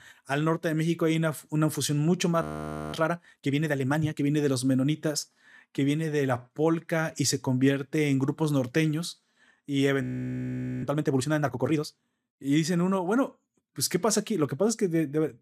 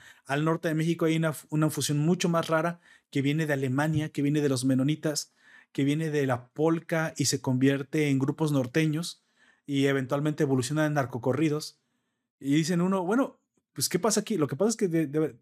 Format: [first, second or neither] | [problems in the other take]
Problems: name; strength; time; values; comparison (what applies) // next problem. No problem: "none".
second | audio freezing; at 2.5 s for 0.5 s and at 10 s for 1 s